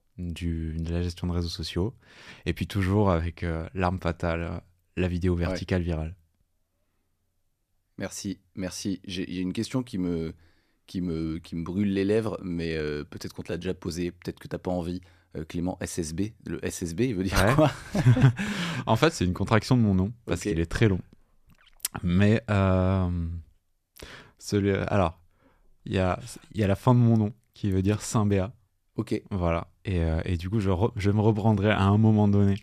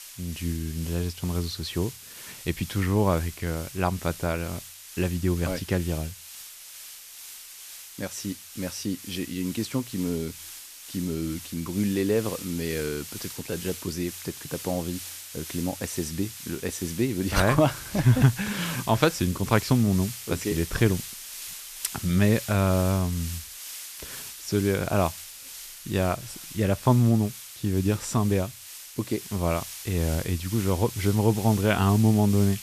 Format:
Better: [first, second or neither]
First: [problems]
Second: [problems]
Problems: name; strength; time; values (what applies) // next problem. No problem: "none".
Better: first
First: none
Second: hiss; noticeable; throughout; 10 dB below the speech